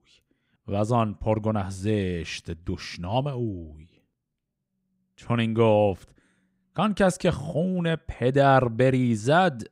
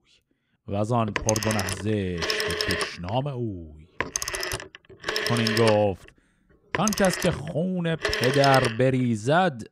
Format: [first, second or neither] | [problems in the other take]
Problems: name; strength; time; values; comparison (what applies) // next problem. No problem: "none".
first | phone ringing; loud; from 1 to 8.5 s; peak level with the speech